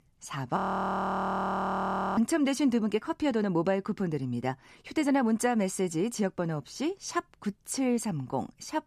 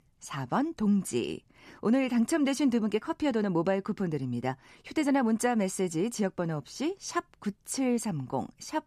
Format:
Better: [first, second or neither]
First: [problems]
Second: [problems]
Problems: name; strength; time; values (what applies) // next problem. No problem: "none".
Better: second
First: audio freezing; at 0.5 s for 1.5 s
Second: none